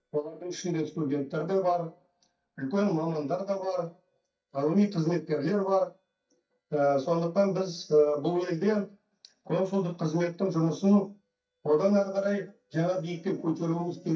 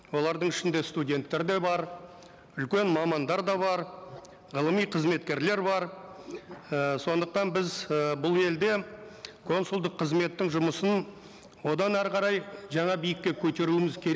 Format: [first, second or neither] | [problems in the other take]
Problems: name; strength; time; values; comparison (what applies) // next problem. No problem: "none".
second | noise reduction (neural mask model DeepFilterNet 3)